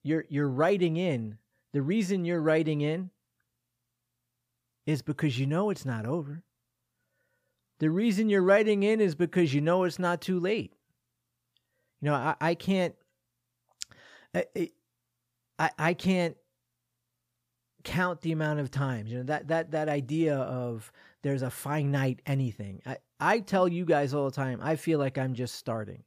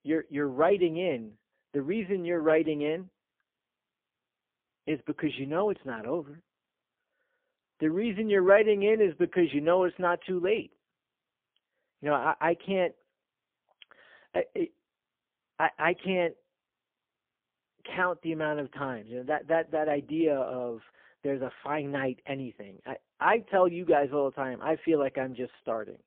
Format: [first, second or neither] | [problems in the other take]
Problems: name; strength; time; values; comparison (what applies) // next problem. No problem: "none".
first | phone-call audio; poor line; nothing above 3 kHz